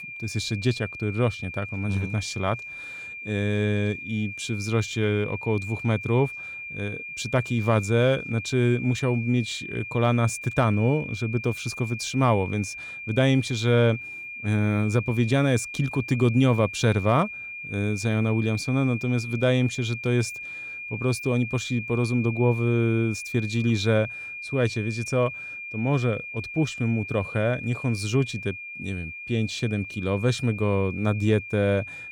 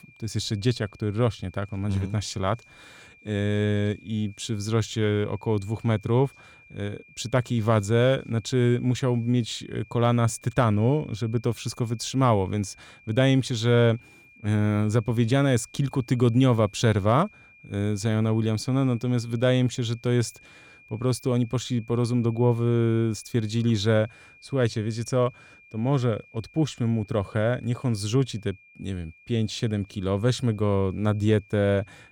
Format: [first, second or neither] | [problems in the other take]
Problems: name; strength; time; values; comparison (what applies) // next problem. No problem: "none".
second | high-pitched whine; loud; throughout; 2.5 kHz, 9 dB below the speech; faint in the second